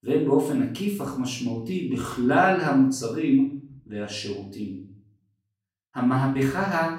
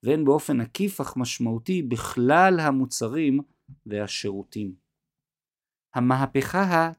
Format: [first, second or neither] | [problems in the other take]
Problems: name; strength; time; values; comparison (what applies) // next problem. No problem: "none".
second | off-mic speech; far // room echo; slight; dies away in 0.5 s